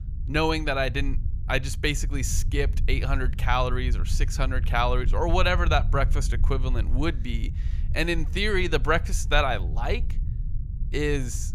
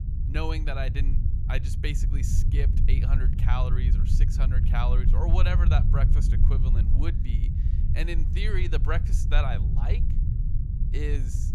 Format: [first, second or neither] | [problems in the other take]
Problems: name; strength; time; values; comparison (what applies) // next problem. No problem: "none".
first | low rumble; loud; throughout; 6 dB below the speech; faint in the first